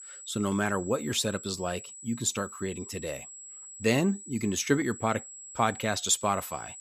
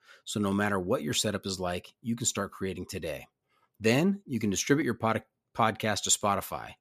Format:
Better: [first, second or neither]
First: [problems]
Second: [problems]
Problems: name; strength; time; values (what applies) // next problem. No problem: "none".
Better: second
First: high-pitched whine; noticeable; throughout; 7.5 kHz, 15 dB below the speech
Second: none